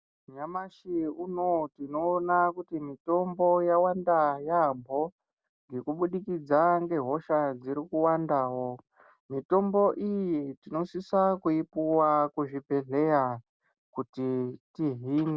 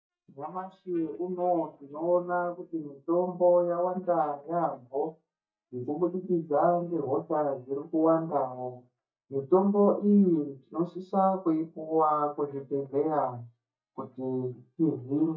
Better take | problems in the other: first | noise reduction (neural mask model DeepFilterNet 3)

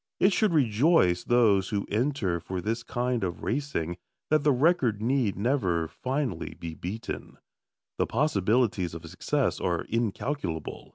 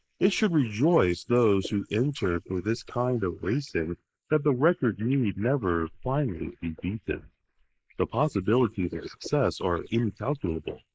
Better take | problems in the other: first | noise reduction (neural mask model Resemble Enhance denoiser)

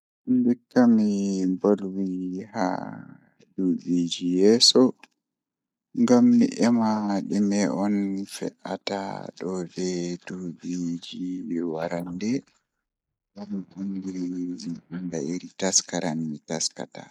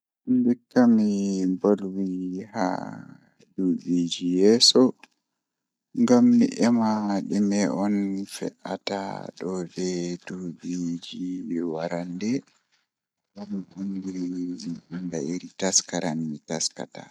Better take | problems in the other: second | noise reduction (neural mask model Resemble Enhance denoiser)

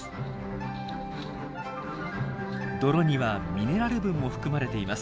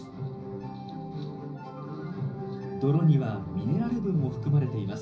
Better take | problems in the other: first | room echo; dies away in 0.5 s

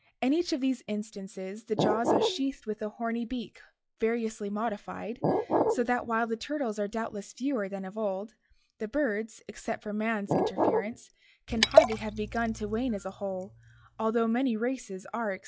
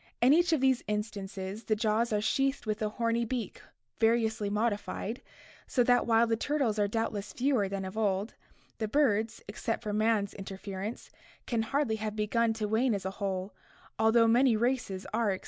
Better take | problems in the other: second | noise reduction (classical method log-MMSE)

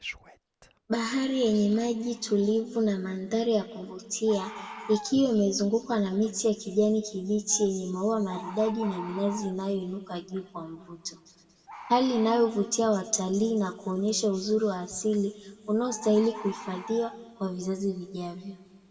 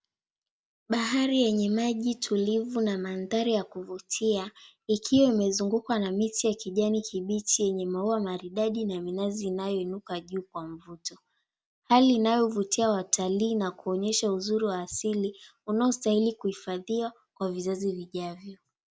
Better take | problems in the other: second | background sound (Bird); 19 dB below the speech // room echo; dies away in 2 s

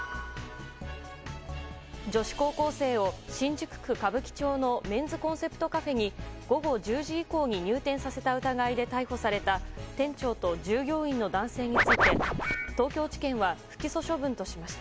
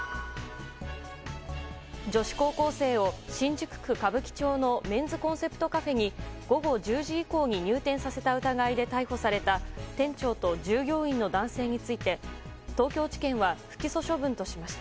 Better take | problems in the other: second | background sound (Scratching (performance technique)); 3 dB above the speech

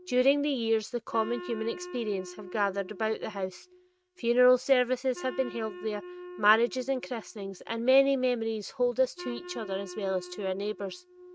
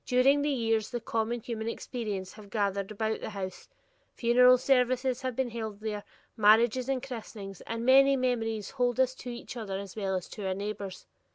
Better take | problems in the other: second | noise reduction (neural mask model RNNoise)

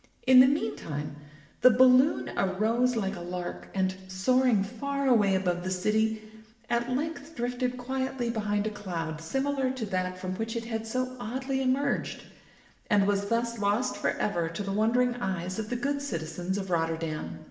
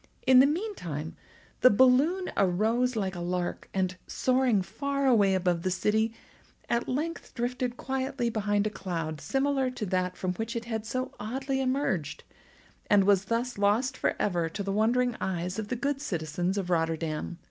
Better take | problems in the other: second | room echo; dies away in 1 s

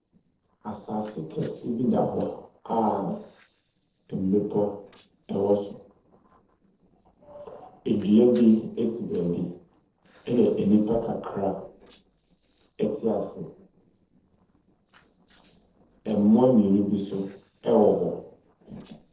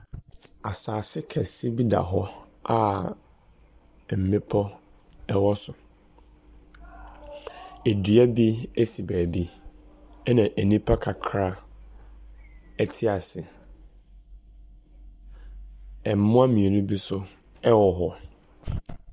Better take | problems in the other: second | noise reduction (neural separator model SepFormer DNS4)

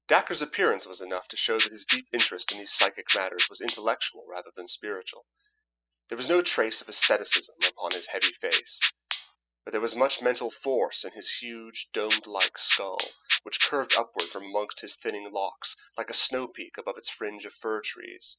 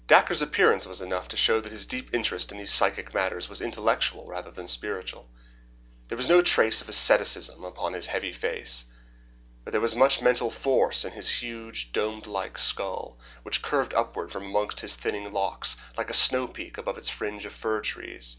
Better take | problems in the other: second | noise reduction (classical method spectral subtraction)

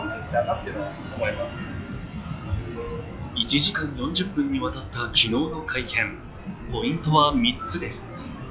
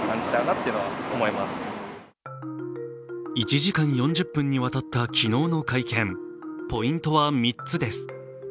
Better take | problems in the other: second | noise reduction (classical method log-MMSE)

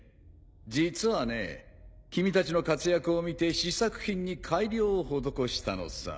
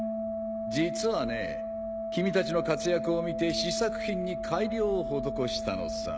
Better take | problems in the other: first | background sound (Organ); 3 dB below the speech

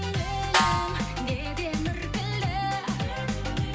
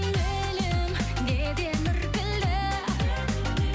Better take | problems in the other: second | background sound (Snare drum); 2 dB below the speech // room echo; dies away in 0.2 s

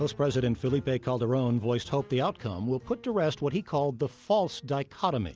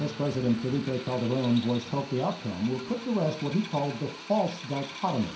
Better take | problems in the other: first | background sound (Drill); 14 dB below the speech // room echo; dies away in 0.5 s

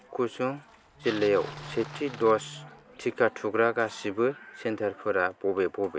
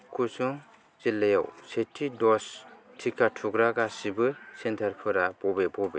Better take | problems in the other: second | background sound (Bowed string instrument + Bicycle); 18 dB below the speech

